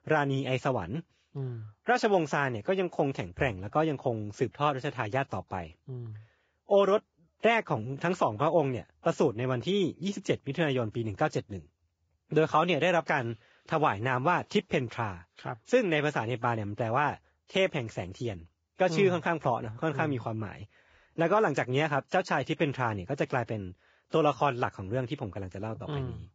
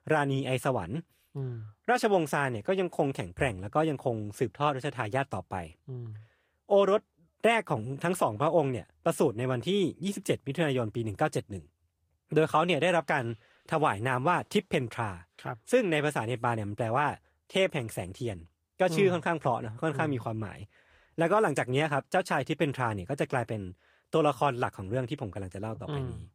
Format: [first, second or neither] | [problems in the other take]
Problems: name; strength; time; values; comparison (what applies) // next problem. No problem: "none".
second | garbled, watery; badly; nothing above 7.5 kHz; slightly in the second